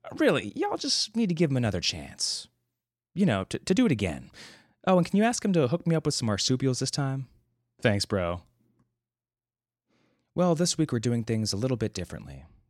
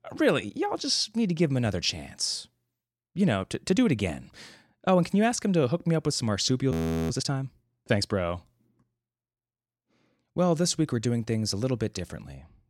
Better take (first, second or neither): first